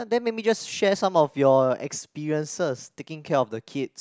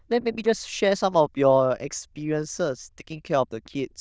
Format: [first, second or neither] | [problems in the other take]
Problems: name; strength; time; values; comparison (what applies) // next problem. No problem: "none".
first | noise reduction (neural diffusion model UNIVERSE++)